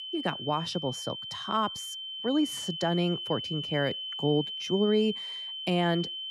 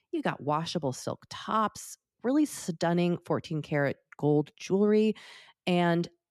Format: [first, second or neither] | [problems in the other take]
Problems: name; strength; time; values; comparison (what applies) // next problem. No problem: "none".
second | high-pitched whine; loud; throughout; 3 kHz, 5 dB below the speech